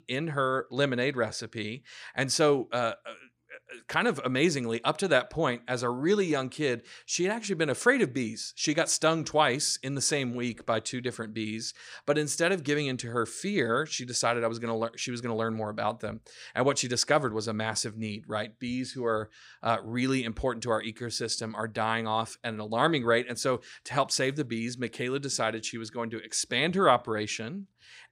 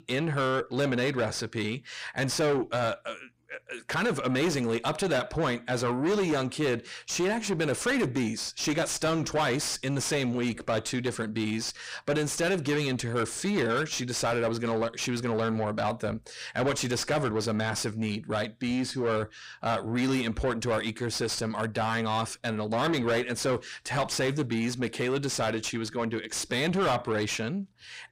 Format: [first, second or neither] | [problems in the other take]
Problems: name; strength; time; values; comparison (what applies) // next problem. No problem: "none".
first | distortion; heavy; 6 dB below the speech